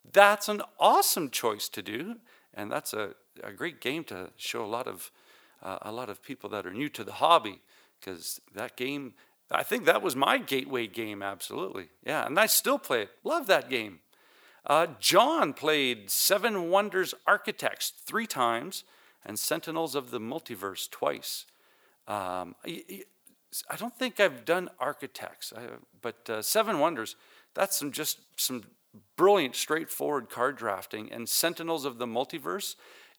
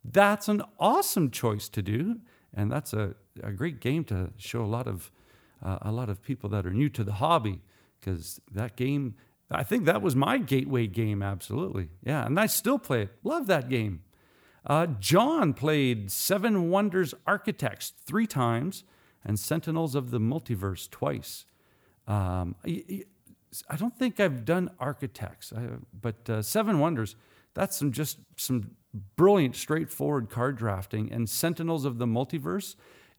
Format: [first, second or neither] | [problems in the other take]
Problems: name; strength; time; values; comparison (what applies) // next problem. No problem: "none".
second | thin; somewhat; fading below 450 Hz